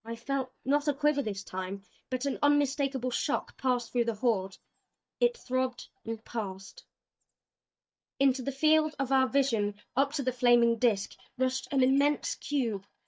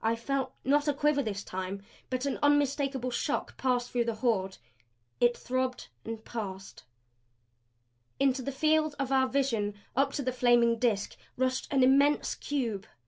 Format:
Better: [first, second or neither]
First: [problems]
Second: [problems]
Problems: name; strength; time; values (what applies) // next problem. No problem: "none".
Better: second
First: noise reduction (neural mask model DeepFilterNet 3)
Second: none